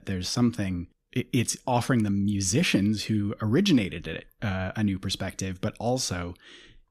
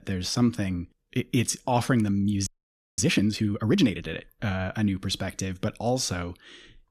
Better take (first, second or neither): first